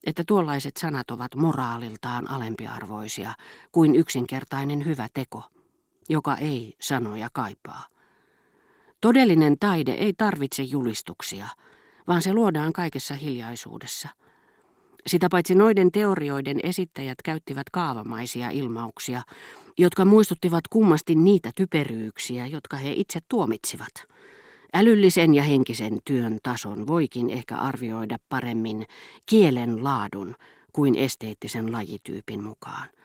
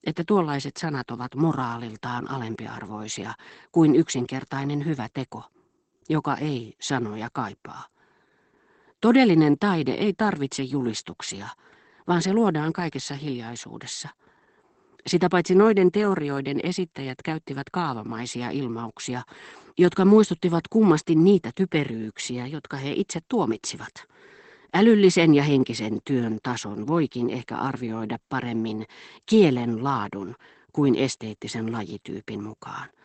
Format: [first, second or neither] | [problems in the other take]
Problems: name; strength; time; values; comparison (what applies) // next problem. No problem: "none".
first | garbled, watery; badly; nothing above 8 kHz; slightly in the first